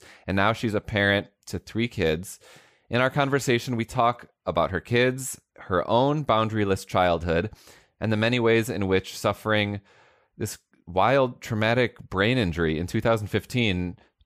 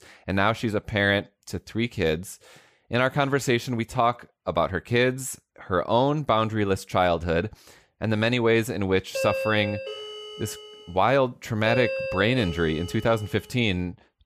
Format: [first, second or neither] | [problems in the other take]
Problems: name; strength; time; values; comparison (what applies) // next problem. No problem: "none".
first | doorbell; noticeable; from 9 to 13 s; peak 2 dB below the speech